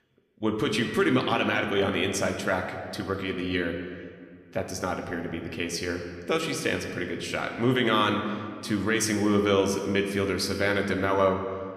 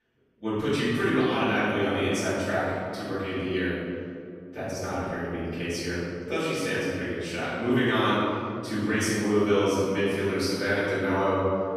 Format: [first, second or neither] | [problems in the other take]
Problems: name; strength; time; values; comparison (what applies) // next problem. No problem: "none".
first | room echo; strong; dies away in 2.2 s; slight in the first // off-mic speech; far